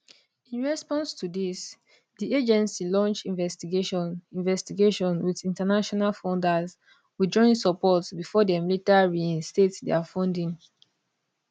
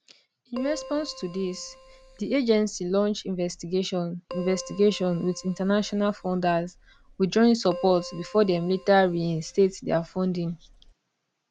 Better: first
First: none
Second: background sound (Keyboard (musical)); 18 dB below the speech

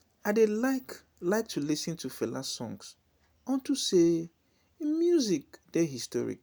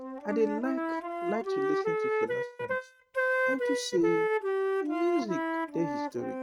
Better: first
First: none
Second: noise reduction (neural mask model RNNoise)

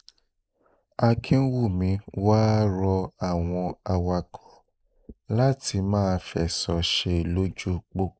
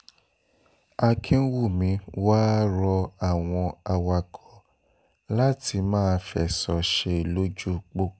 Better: second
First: noise reduction (neural mask model Resemble Enhance denoiser)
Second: none

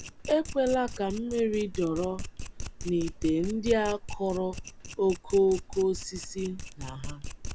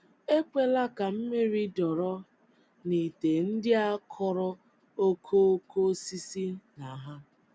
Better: second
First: background sound (Domestic sounds, home sounds); 10 dB below the speech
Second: none

